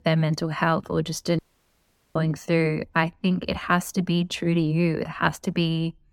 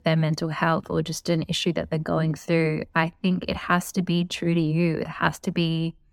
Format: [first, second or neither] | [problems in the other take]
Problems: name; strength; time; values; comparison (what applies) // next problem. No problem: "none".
second | audio cutting out; at 1.5 s for 1 s